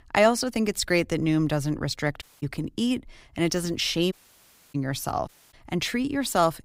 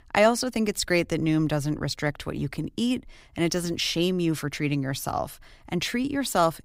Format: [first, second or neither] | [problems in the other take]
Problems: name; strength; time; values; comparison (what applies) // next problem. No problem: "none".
second | audio cutting out; at 2 s, at 4 s for 0.5 s and at 5.5 s